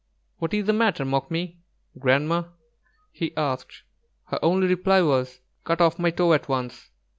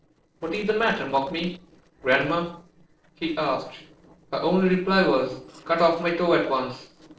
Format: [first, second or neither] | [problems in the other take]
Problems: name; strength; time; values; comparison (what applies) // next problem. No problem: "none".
first | noise reduction (neural separator model SepFormer DNS4)